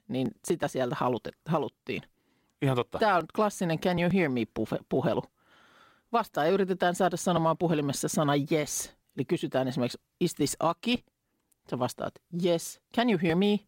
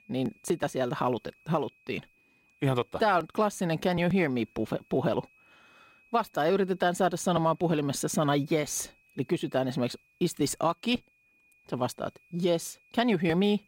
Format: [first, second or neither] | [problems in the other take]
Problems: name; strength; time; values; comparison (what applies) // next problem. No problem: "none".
first | high-pitched whine; faint; throughout; 2.5 kHz, 35 dB below the speech